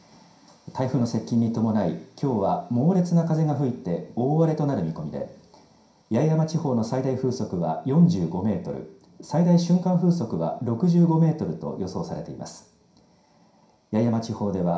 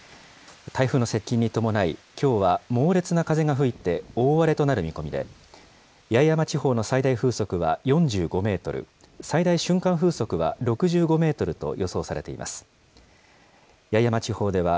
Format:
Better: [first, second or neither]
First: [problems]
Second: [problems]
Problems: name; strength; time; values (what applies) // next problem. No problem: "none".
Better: second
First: room echo; dies away in 0.5 s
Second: none